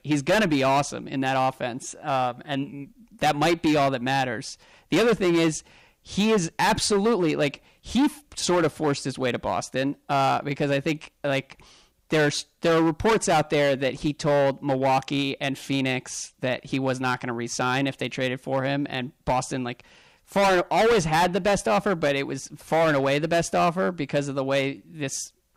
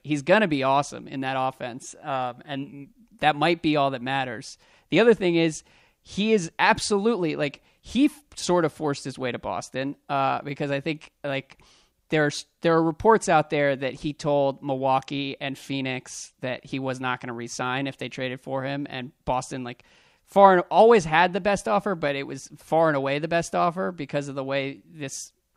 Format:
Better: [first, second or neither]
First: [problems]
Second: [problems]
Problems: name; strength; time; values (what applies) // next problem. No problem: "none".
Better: second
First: distortion; heavy; 10% of the sound clipped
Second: none